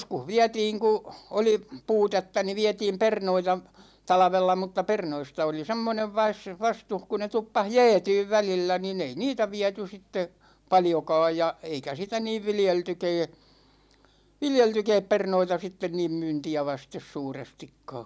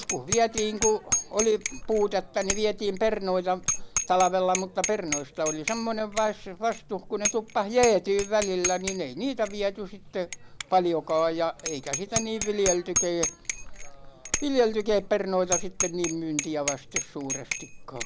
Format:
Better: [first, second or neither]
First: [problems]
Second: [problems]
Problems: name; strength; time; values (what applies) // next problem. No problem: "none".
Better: first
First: none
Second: background sound (Bicycle bell); 6 dB below the speech